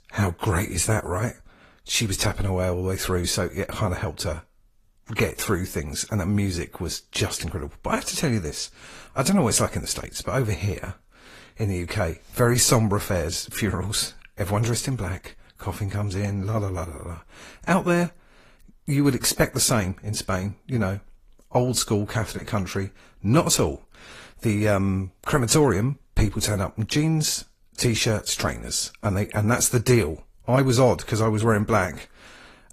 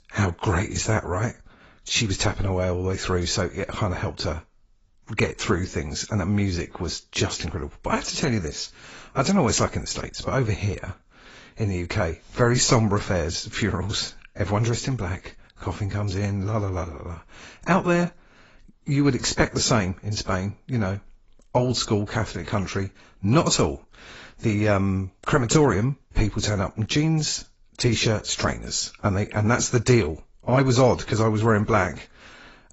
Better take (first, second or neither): first